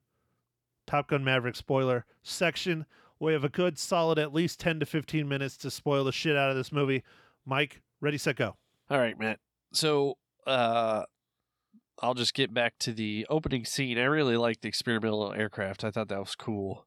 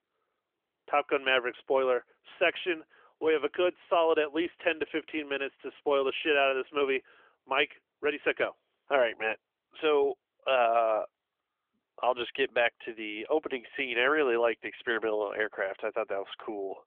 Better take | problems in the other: first | phone-call audio; nothing above 3 kHz

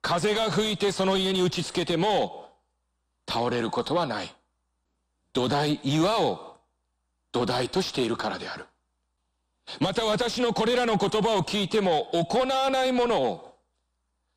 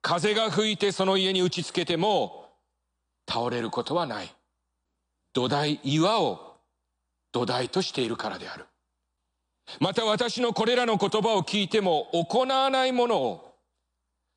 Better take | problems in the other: second | distortion; slight; 10 dB below the speech

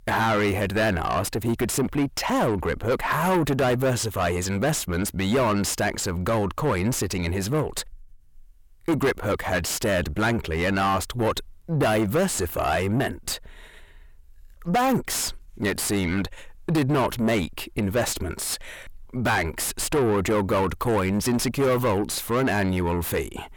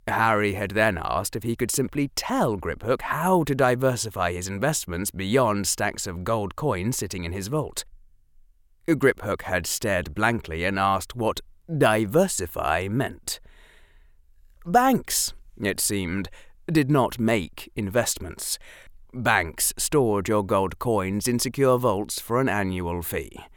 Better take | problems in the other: second | distortion; heavy; 6 dB below the speech

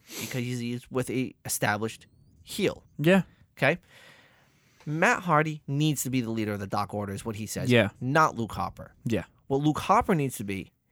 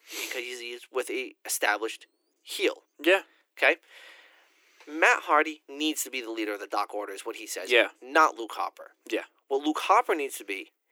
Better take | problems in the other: first | thin; very; fading below 300 Hz

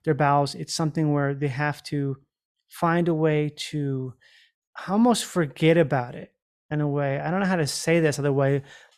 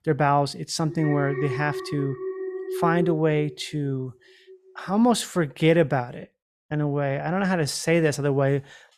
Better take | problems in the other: first | alarm; noticeable; from 1 to 4.5 s; peak 4 dB below the speech

